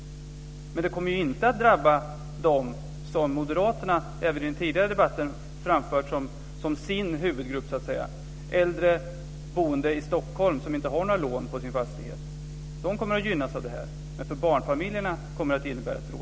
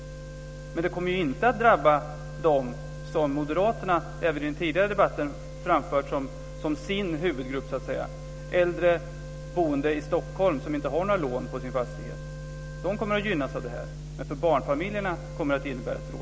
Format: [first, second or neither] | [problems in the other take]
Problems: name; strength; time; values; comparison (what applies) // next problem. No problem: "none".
first | background sound (Wind instrument, woodwind instrument); 19 dB below the speech